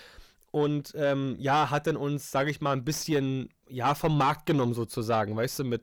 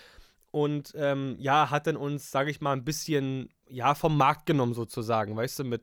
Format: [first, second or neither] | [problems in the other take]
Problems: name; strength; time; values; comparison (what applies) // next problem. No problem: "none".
second | distortion; slight; 10 dB below the speech